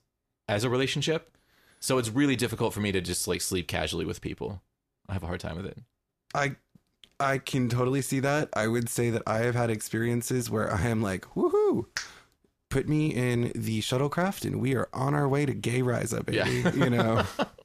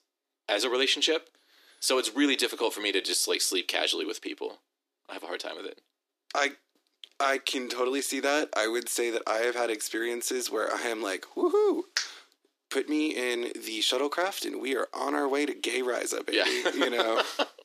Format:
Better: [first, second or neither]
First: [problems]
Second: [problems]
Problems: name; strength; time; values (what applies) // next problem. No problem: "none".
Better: first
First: none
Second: thin; somewhat; fading below 300 Hz